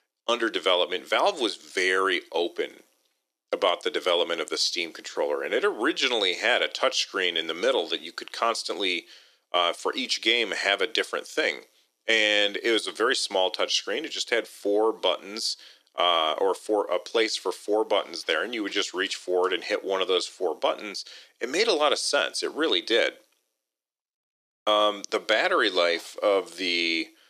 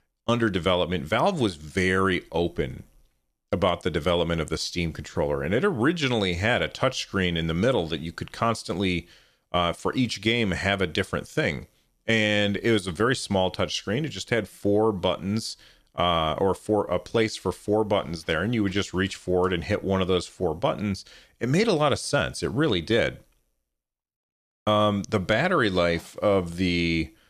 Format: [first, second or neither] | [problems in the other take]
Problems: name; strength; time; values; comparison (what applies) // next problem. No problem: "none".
second | thin; very; fading below 300 Hz